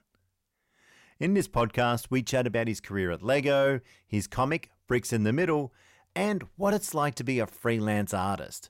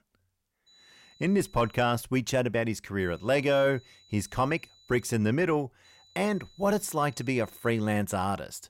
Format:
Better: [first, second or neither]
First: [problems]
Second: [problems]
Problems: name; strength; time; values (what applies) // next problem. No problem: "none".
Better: first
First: none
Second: high-pitched whine; faint; from 0.5 to 2 s, from 3 to 5 s and from 6 to 8 s; 4 kHz, 30 dB below the speech